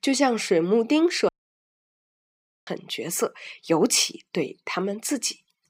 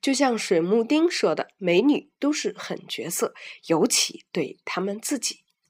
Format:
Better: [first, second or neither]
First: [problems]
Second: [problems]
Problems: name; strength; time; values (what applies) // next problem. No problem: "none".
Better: second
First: audio cutting out; at 1.5 s for 1.5 s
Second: none